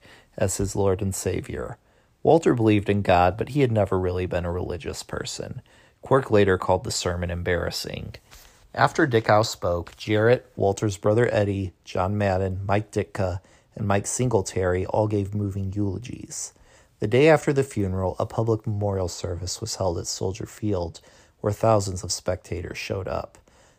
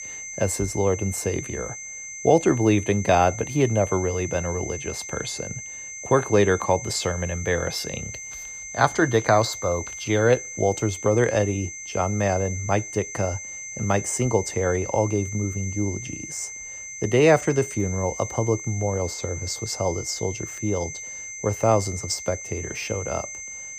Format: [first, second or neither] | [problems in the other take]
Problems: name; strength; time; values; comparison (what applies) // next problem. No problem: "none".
first | high-pitched whine; loud; throughout; 6 kHz, 9 dB below the speech